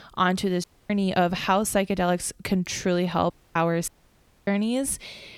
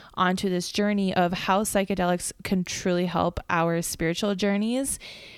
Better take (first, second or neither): second